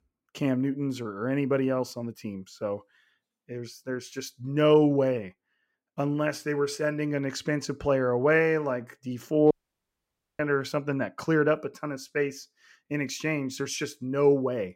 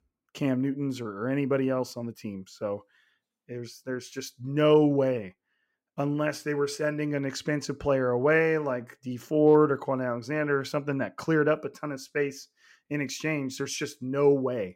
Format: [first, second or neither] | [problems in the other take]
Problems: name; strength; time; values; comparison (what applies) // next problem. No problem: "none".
second | audio cutting out; at 9.5 s for 1 s